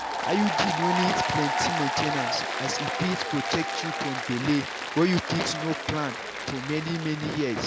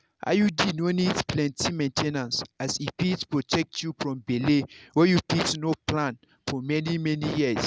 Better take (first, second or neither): second